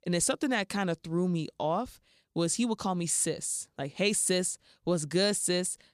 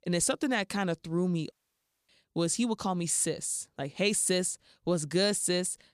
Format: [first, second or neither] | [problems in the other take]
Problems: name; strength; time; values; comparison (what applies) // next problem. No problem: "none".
first | audio cutting out; at 1.5 s for 0.5 s